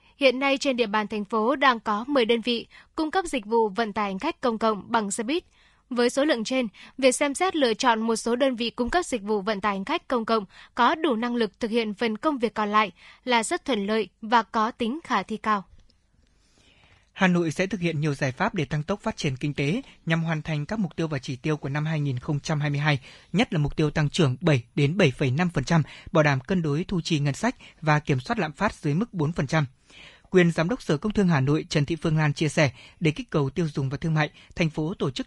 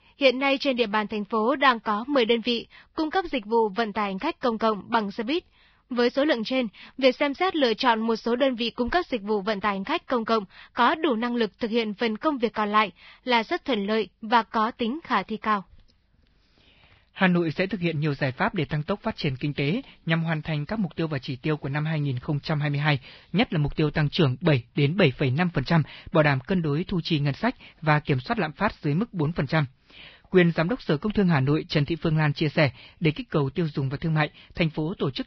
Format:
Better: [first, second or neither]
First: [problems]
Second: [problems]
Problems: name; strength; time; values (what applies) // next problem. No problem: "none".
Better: first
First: garbled, watery; slightly; nothing above 10.5 kHz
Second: garbled, watery; badly; nothing above 5 kHz